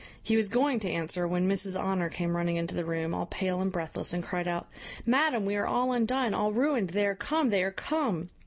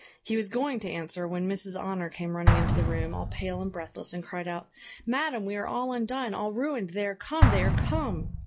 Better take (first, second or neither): first